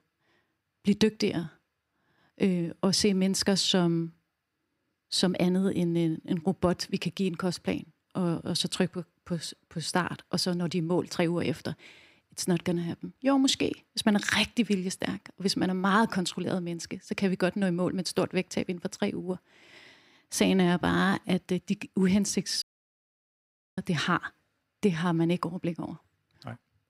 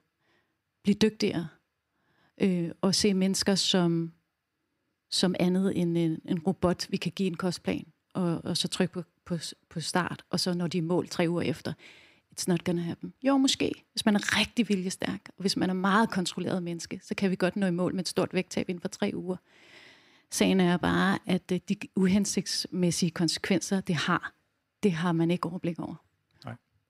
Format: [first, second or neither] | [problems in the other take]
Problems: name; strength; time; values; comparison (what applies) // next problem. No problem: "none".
second | audio cutting out; at 23 s for 1 s